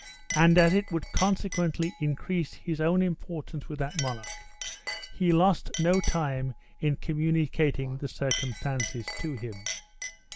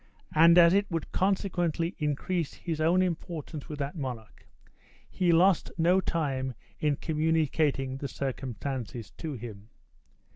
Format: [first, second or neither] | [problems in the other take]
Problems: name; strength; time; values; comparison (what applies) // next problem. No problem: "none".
second | background sound (Chink, clink); 13 dB below the speech